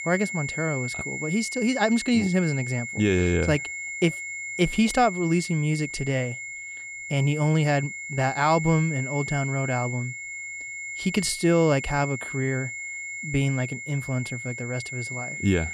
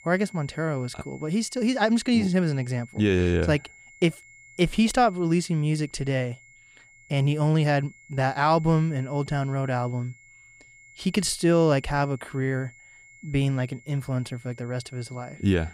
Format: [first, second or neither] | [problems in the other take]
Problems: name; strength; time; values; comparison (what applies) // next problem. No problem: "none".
second | high-pitched whine; loud; throughout; 2 kHz, 7 dB below the speech; faint in the second